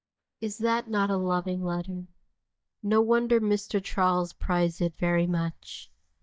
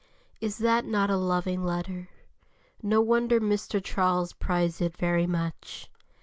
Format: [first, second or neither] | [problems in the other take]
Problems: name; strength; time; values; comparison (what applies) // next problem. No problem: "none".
second | noise reduction (neural mask model DeepFilterNet 3)